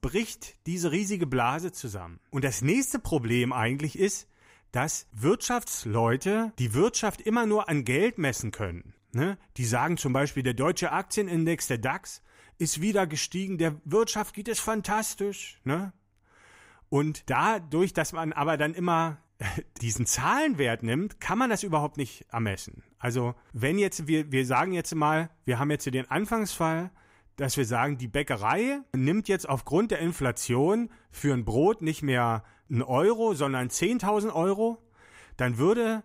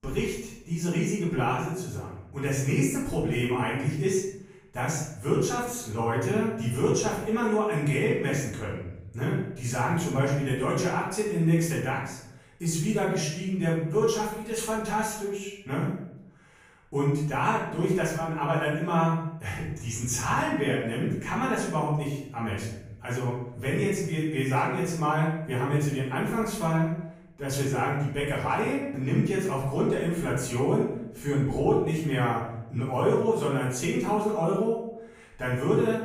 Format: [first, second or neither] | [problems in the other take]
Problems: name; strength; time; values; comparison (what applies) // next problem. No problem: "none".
first | off-mic speech; far // room echo; noticeable; dies away in 0.7 s